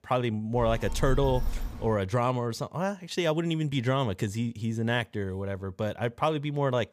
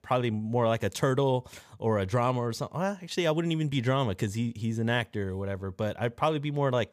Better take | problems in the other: second | phone ringing; noticeable; from 0.5 to 2 s; peak 6 dB below the speech

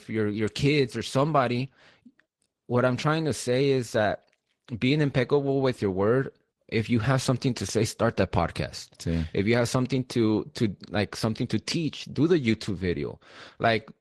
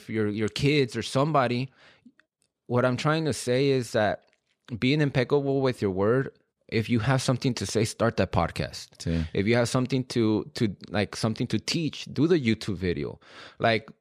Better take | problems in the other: second | garbled, watery; slightly; nothing above 12 kHz

